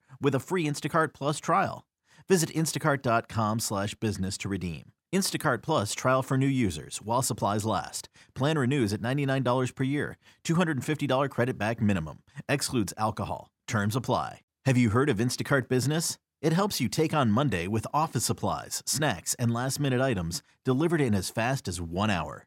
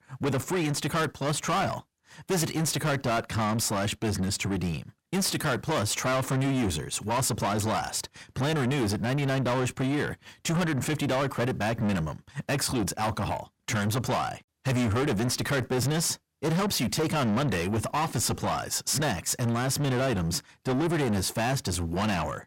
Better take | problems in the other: first | distortion; heavy; 6 dB below the speech

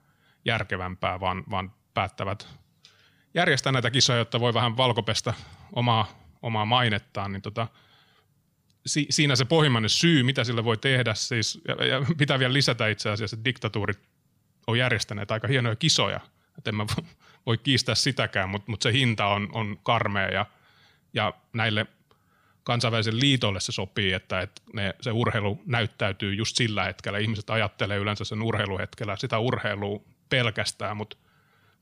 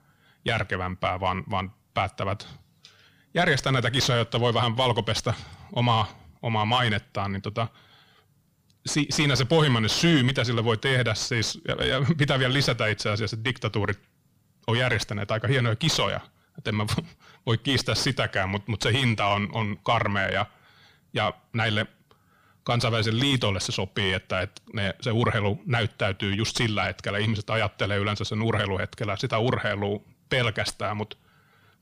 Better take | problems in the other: first | distortion; slight; 9 dB below the speech

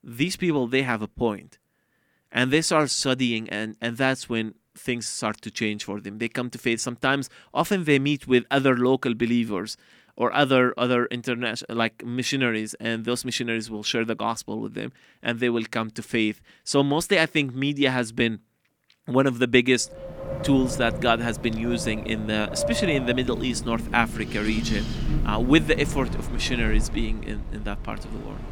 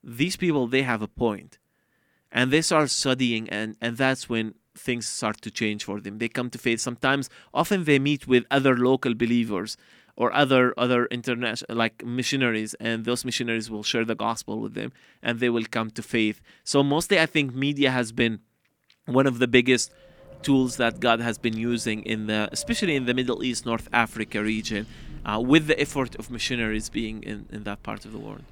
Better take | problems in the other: second | wind in the background; loud; from 20 s on; 8 dB below the speech; faint in the second

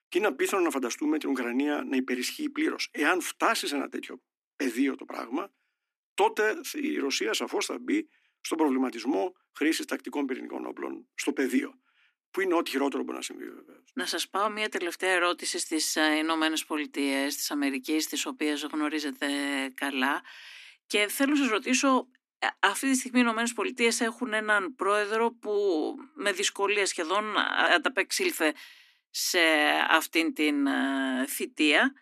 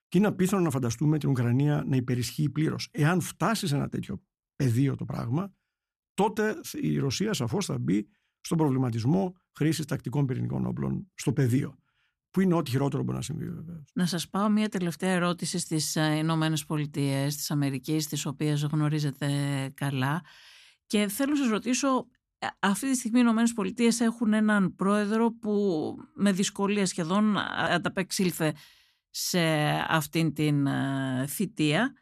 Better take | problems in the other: second | thin; somewhat; fading below 250 Hz

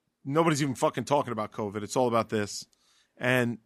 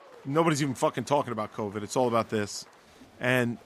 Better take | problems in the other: first | crowd noise; faint; throughout; 25 dB below the speech

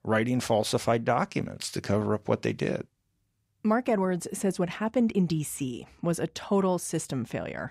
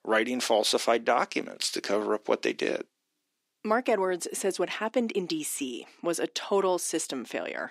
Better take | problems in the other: first | thin; somewhat; fading below 300 Hz

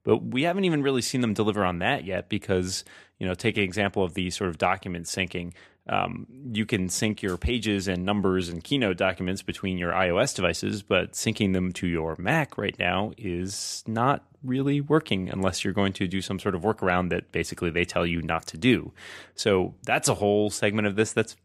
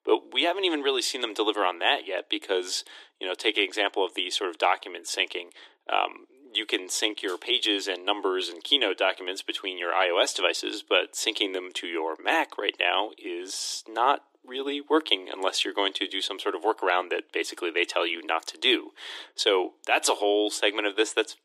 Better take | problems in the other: first | thin; very; fading below 300 Hz

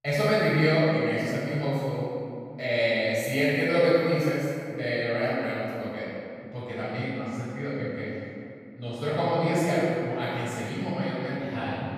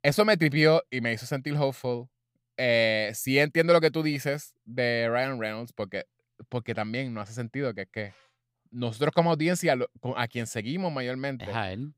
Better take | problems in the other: second | off-mic speech; far // room echo; strong; dies away in 2.3 s

